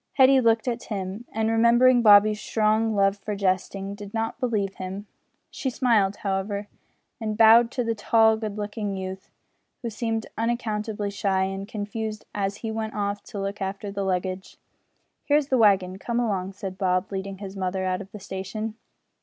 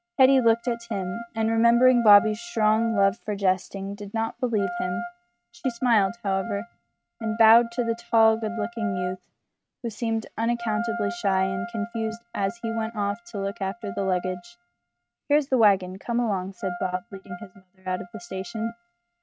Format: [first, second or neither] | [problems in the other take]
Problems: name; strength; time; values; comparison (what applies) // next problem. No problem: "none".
first | noise reduction (neural mask model RNNoise)